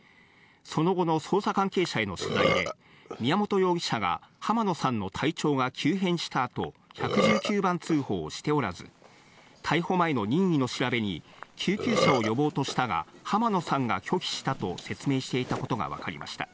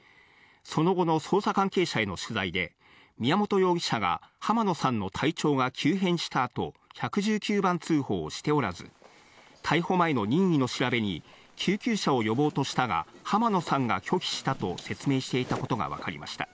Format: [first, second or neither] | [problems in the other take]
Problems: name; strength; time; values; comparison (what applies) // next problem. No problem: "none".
second | background sound (Burping, eructation); 8 dB below the speech